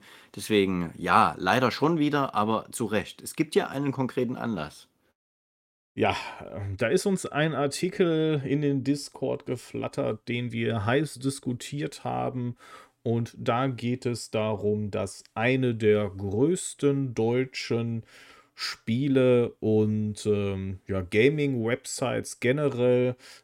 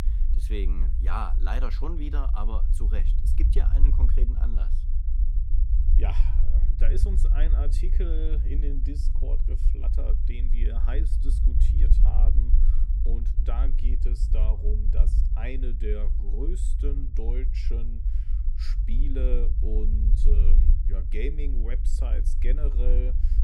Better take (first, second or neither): first